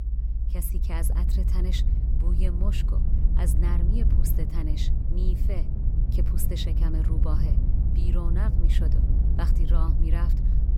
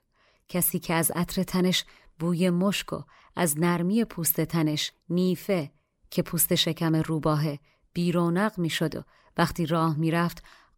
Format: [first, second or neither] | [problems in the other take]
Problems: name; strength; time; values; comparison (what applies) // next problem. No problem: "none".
second | low rumble; loud; throughout; 2 dB below the speech